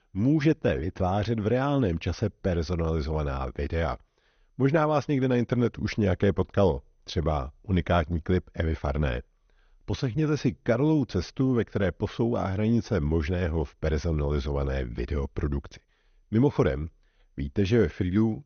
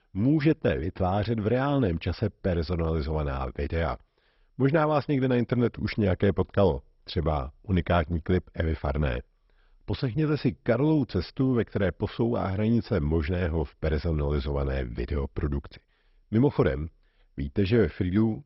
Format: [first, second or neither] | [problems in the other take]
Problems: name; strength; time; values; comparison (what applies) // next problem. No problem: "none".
first | garbled, watery; badly; nothing above 5.5 kHz; slightly in the first